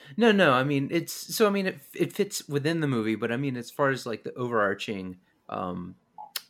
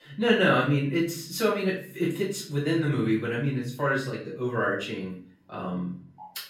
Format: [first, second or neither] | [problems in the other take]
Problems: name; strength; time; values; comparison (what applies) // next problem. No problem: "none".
first | room echo; slight; dies away in 0.5 s // off-mic speech; far